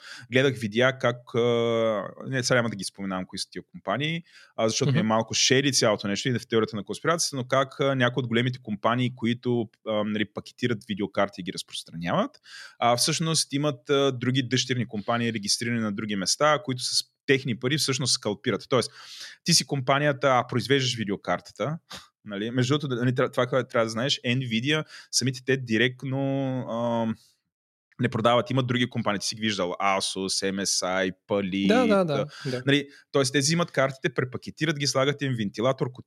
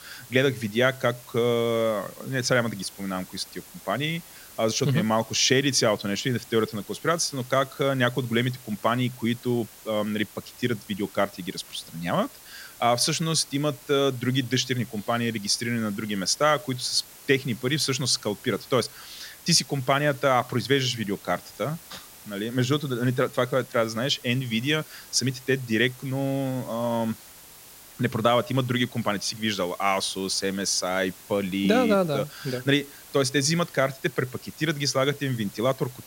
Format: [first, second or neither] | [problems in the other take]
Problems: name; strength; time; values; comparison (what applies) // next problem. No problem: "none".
first | hiss; noticeable; throughout; 20 dB below the speech